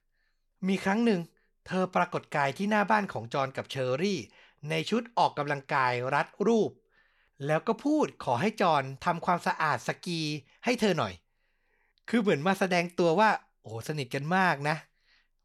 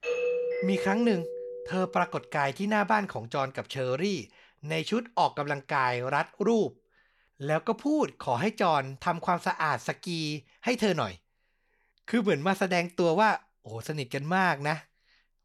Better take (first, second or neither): first